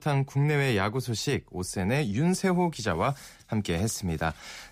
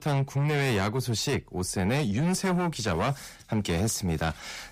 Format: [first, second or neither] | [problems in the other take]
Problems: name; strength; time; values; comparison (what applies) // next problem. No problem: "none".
first | distortion; slight; 10 dB below the speech